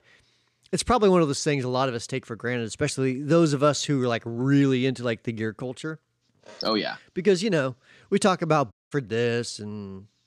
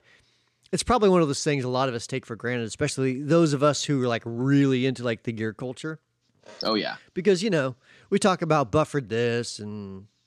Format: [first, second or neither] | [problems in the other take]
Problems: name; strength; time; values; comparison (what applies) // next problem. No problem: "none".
second | audio cutting out; at 8.5 s